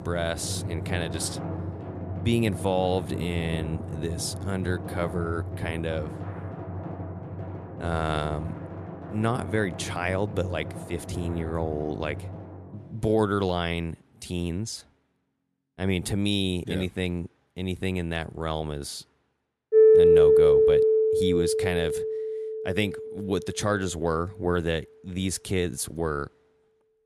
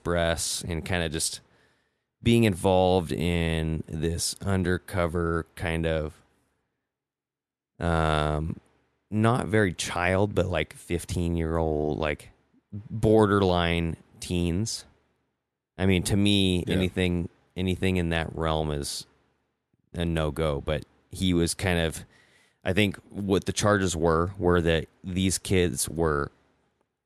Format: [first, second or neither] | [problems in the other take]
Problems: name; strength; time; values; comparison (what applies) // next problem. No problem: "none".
second | background music; very loud; throughout; 3 dB above the speech